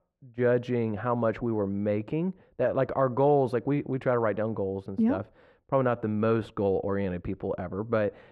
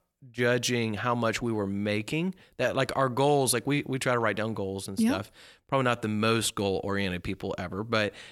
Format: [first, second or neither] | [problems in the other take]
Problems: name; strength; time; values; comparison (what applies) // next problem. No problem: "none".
second | muffled; very; fading above 3 kHz